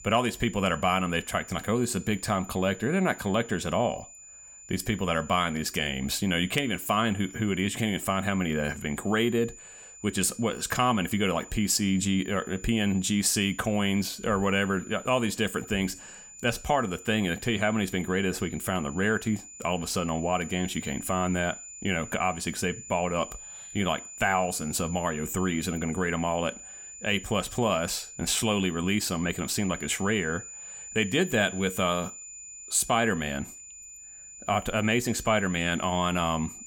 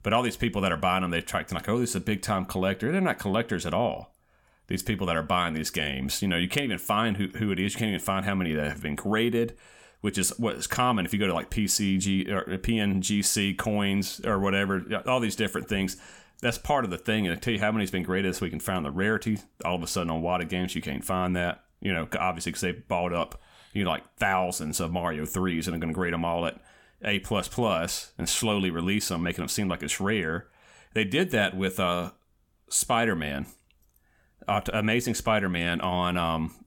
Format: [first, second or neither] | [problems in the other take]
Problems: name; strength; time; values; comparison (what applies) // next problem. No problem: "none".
second | high-pitched whine; noticeable; throughout; 7 kHz, 15 dB below the speech